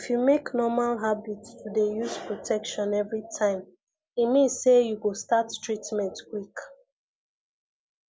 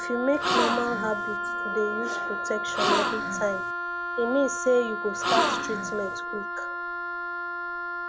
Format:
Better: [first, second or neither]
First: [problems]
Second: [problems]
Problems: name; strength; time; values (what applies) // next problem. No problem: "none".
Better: first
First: none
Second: background sound (Wind instrument, woodwind instrument + Gasp); 1 dB above the speech